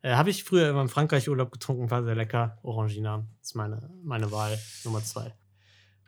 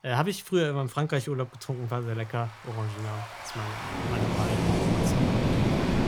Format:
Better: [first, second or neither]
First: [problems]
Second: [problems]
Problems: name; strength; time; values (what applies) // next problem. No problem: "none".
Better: first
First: none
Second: rain or running water; very loud; throughout; 4 dB above the speech